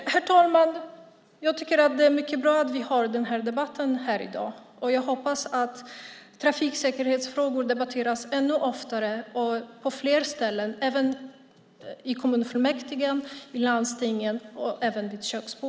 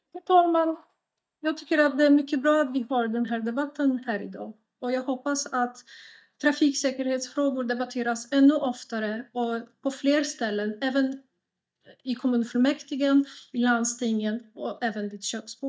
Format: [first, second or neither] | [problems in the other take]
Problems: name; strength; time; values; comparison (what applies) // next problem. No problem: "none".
first | noise reduction (neural mask model DeepFilterNet 3)